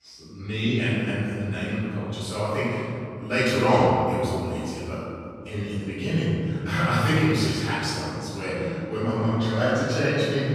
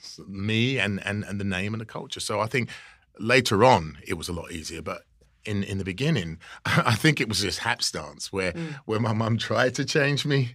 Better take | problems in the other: second | off-mic speech; far // room echo; strong; dies away in 3 s

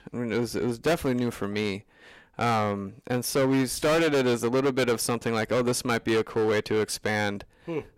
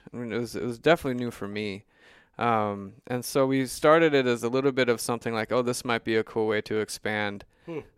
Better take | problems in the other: second | distortion; heavy; 12% of the sound clipped

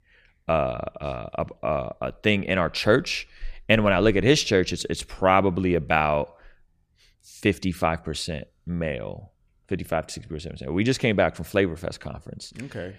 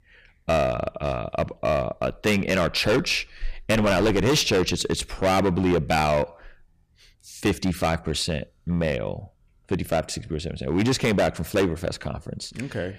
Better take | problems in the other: first | distortion; heavy; 9% of the sound clipped

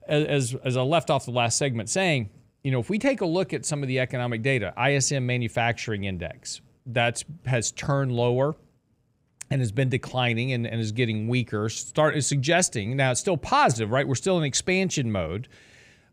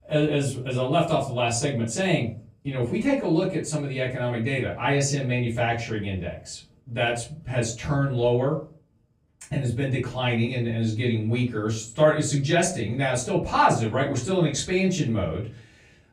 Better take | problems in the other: first | off-mic speech; far // room echo; slight; dies away in 0.3 s

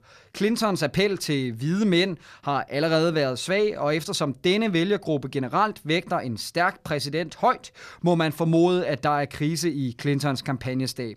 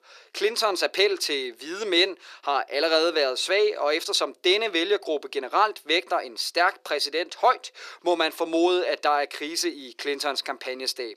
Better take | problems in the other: first | thin; very; fading below 350 Hz

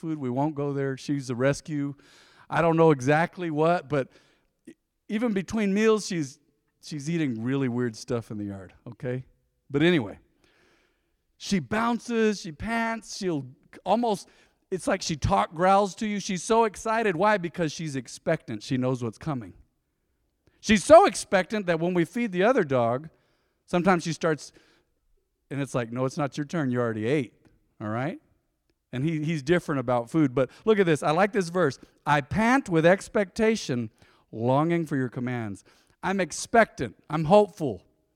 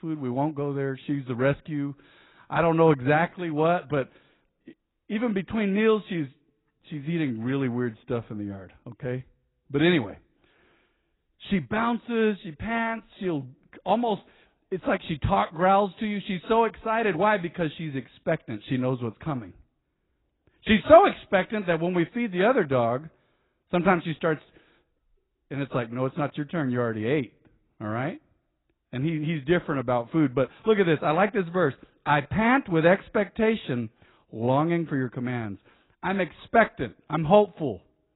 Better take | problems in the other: first | garbled, watery; badly; nothing above 4 kHz

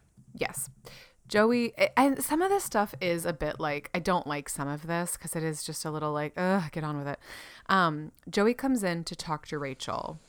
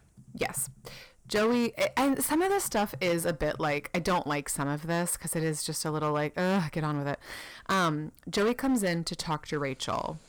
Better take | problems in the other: first | distortion; heavy; 9% of the sound clipped

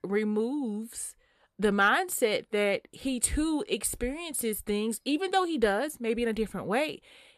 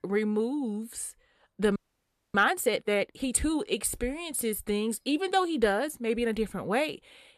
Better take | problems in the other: first | audio freezing; at 2 s for 0.5 s

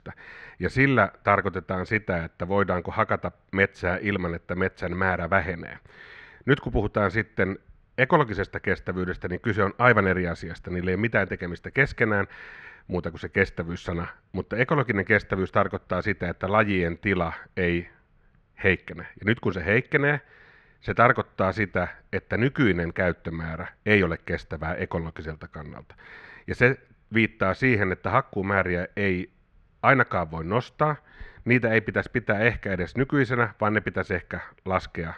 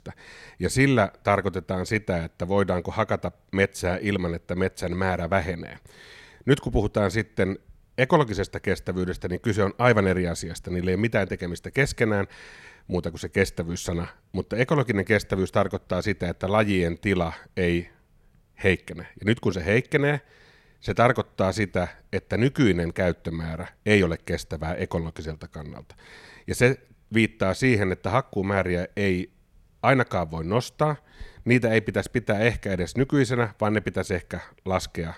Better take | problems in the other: second | muffled; slightly; fading above 2.5 kHz

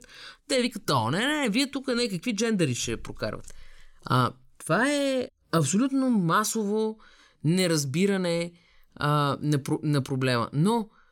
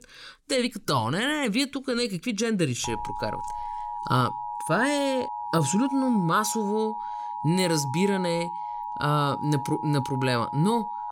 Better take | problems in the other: first | alarm; noticeable; from 3 s on; peak 7 dB below the speech

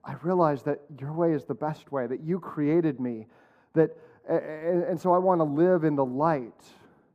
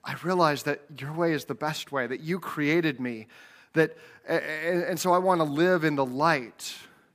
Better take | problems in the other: second | muffled; very; fading above 1 kHz

